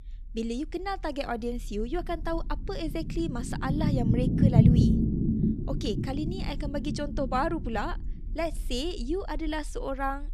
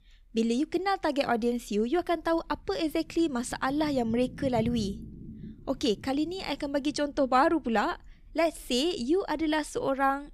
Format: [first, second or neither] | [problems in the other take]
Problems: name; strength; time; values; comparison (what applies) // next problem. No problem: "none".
second | low rumble; loud; throughout; 2 dB below the speech; faint in the second